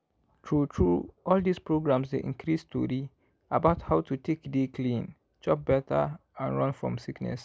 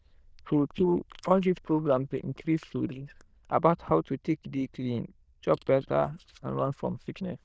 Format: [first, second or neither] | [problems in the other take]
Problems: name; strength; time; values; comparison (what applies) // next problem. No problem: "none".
first | noise reduction (neural diffusion model UNIVERSE++)